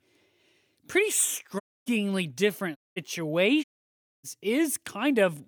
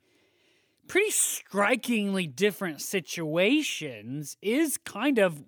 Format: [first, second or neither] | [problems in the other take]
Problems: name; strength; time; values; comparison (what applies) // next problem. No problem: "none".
second | audio cutting out; at 1.5 s, at 3 s and at 3.5 s for 0.5 s